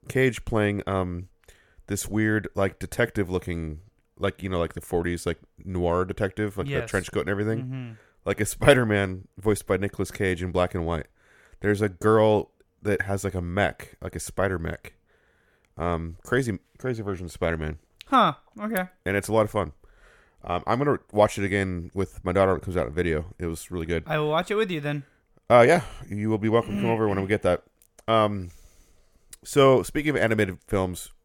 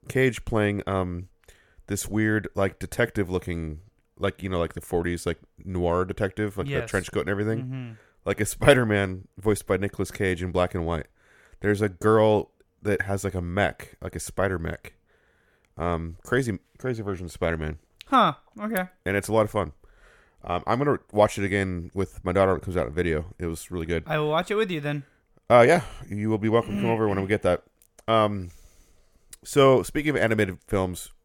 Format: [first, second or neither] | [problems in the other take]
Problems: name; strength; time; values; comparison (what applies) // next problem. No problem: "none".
neither | none